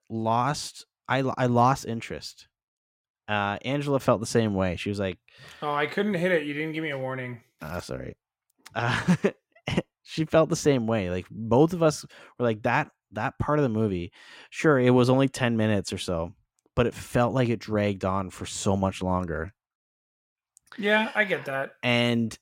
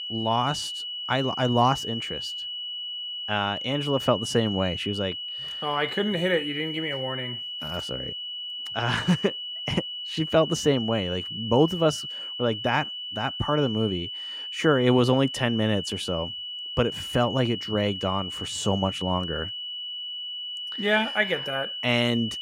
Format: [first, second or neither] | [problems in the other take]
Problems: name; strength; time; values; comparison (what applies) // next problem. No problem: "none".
first | high-pitched whine; loud; throughout; 3 kHz, 6 dB below the speech